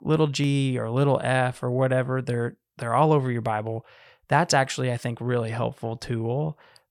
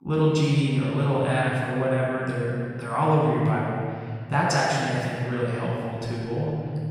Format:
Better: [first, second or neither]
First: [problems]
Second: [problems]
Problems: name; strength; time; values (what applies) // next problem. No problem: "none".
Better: first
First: none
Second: off-mic speech; far // room echo; strong; dies away in 2 s